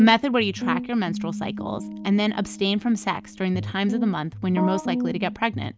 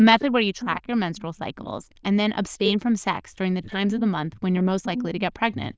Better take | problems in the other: first | noise reduction (neural diffusion model UNIVERSE++)

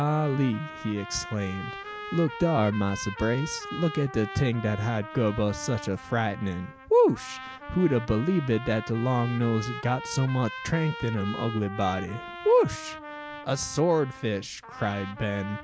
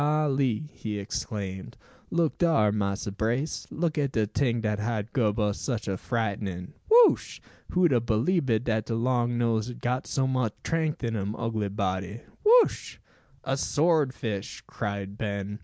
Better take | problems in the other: second | background sound (Trumpet); 13 dB below the speech

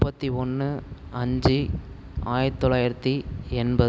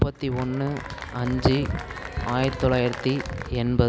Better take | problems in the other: first | background sound (Applause / Cheering); 13 dB below the speech

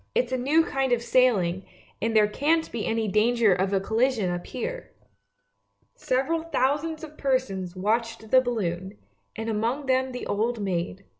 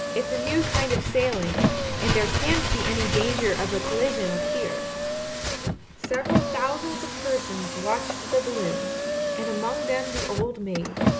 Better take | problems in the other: first | background sound (Bird + Car); 1 dB above the speech

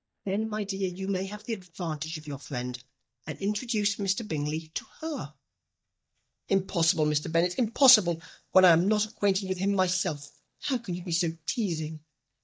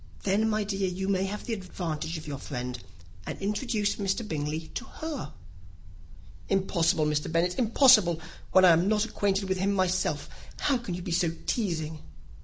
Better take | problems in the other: second | noise reduction (neural mask model DeepFilterNet 3)

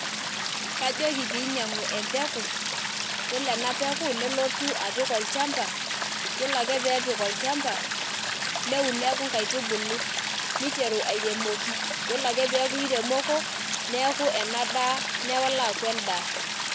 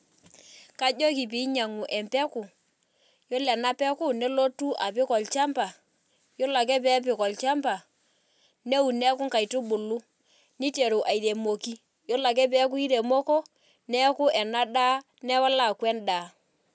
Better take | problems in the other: second | background sound (Stream); as loud as the speech

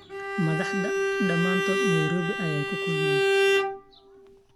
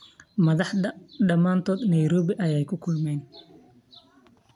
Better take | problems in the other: second | background sound (Bowed string instrument); 4 dB above the speech

